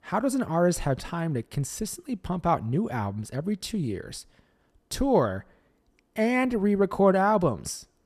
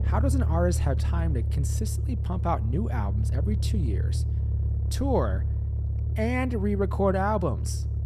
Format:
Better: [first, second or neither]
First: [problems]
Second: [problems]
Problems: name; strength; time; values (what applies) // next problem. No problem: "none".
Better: first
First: none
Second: low rumble; noticeable; throughout; 15 dB below the speech